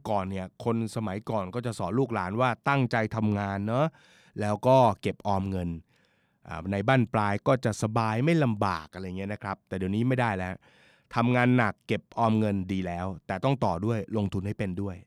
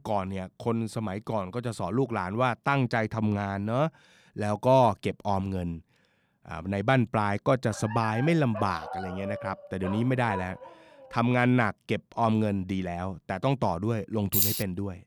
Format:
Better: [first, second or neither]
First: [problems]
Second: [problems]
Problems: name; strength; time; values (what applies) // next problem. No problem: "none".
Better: first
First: none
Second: dog barking; noticeable; from 7.5 to 11 s; peak 9 dB below the speech // jangling keys; loud; at 14 s; peak 4 dB above the speech